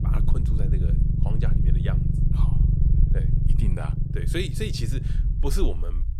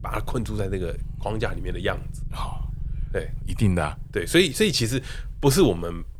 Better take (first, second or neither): second